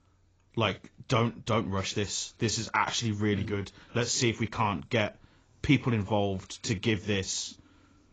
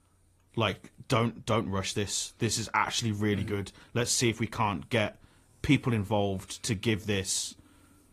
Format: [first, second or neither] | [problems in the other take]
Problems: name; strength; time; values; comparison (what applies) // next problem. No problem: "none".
second | garbled, watery; badly; nothing above 7.5 kHz; slightly in the second